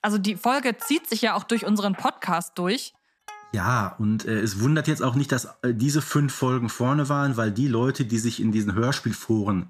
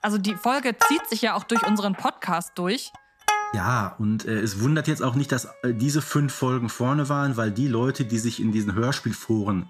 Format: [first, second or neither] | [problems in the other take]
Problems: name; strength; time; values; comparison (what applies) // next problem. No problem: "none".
first | background music; loud; throughout; 2 dB below the speech; faint in the first